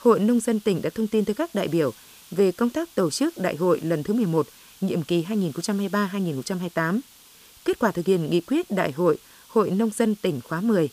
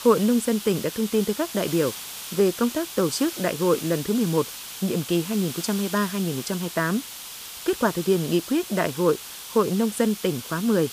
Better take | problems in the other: first | hiss; loud; throughout; 10 dB below the speech; faint in the first

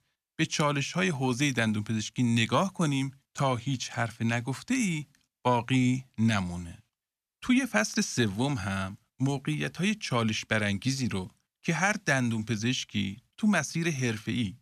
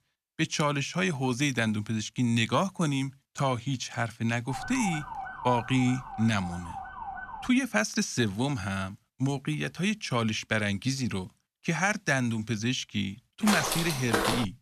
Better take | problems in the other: first | siren; noticeable; from 4.5 to 7.5 s; peak 7 dB below the speech // footsteps; loud; from 13 s on; peak 1 dB above the speech

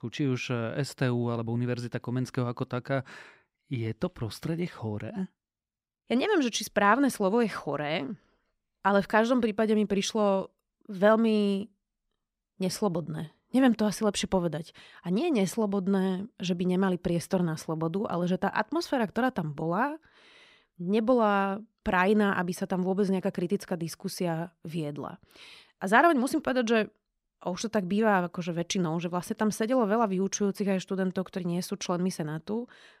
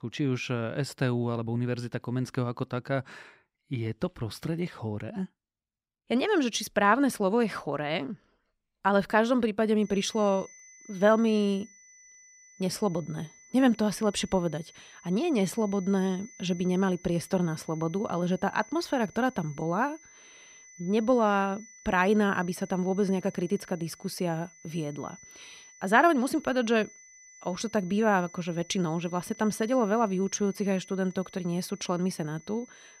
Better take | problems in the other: first | high-pitched whine; faint; from 10 s on; 6 kHz, 20 dB below the speech

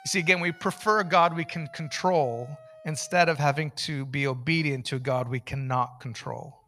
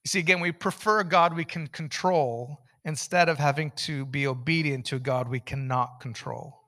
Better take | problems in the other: second | alarms or sirens; faint; throughout; 25 dB below the speech

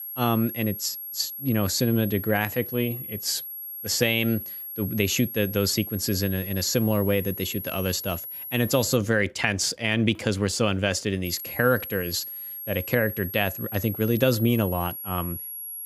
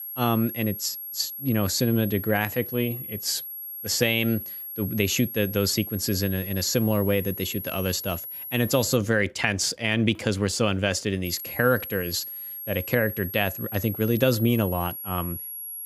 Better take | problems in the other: neither | high-pitched whine; loud; until 9 s and from 11 s on; 11.5 kHz, 8 dB below the speech; the same in both

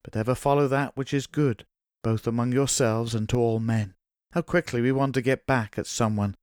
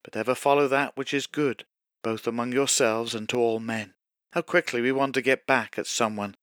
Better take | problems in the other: first | thin; somewhat; fading below 300 Hz

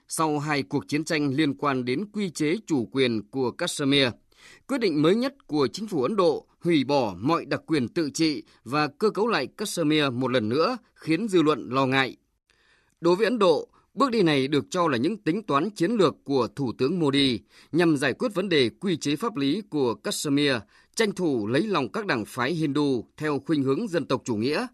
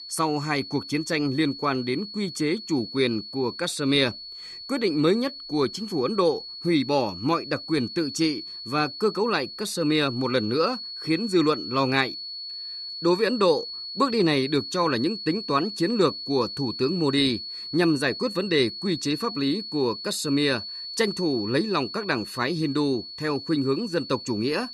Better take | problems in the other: first | high-pitched whine; loud; throughout; 4.5 kHz, 9 dB below the speech

